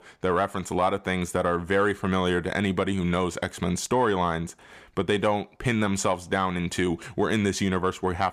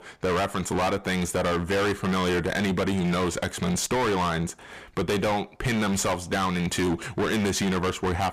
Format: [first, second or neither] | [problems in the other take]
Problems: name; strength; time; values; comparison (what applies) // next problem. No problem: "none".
first | distortion; heavy; 29% of the sound clipped